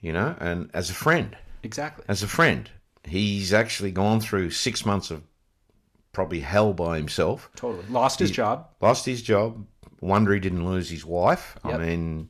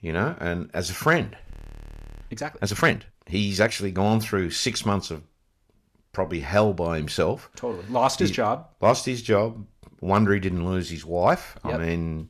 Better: first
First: none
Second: audio freezing; at 1.5 s for 0.5 s

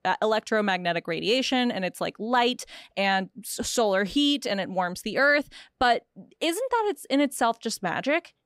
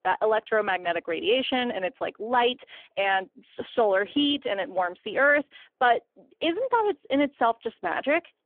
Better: first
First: none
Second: phone-call audio; poor line; nothing above 3.5 kHz

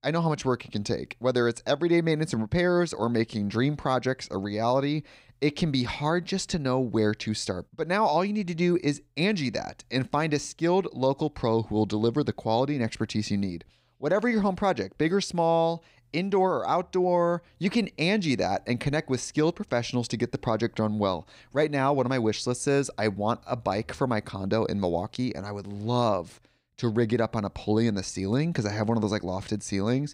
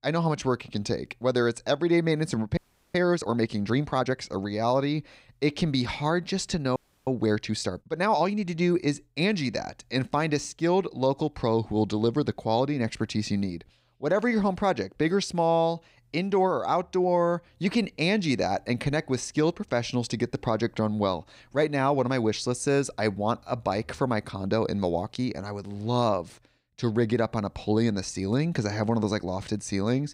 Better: first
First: none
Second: audio freezing; at 2.5 s and at 7 s

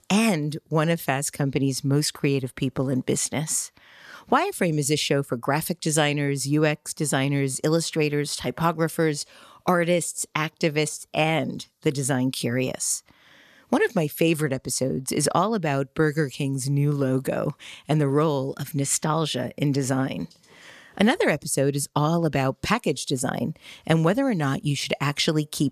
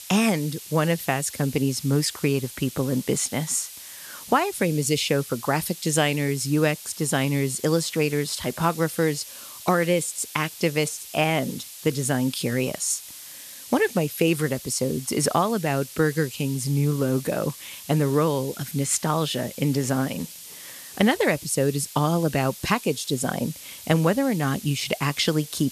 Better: first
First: none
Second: hiss; noticeable; throughout; 15 dB below the speech

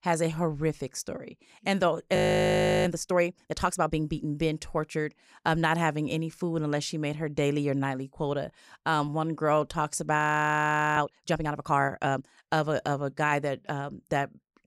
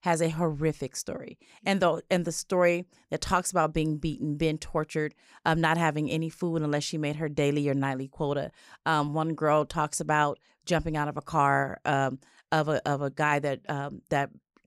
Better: second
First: audio freezing; at 2 s for 0.5 s and at 10 s for 1 s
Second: none

